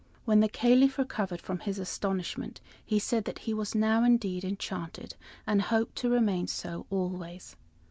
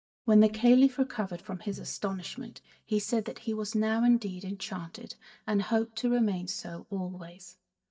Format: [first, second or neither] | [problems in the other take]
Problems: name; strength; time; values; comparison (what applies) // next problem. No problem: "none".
first | noise reduction (neural mask model DeepFilterNet 3)